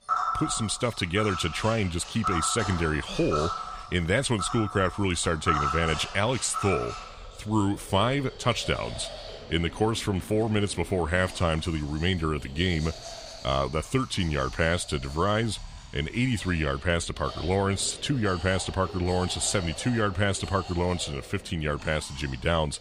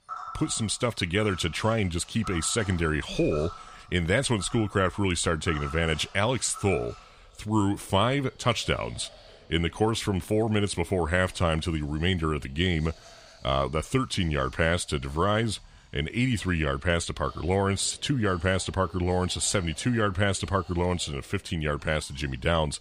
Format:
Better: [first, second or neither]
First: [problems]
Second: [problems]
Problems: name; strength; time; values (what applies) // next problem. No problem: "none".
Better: second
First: household noises; loud; throughout; 9 dB below the speech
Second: household noises; faint; throughout; 20 dB below the speech